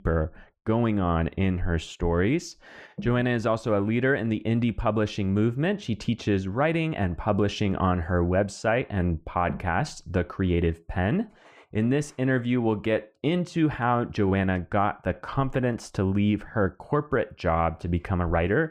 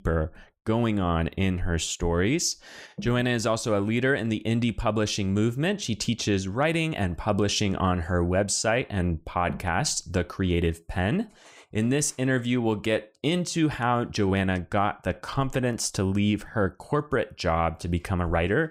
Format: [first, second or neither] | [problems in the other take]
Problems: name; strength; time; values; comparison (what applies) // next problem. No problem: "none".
second | muffled; slightly; fading above 3.5 kHz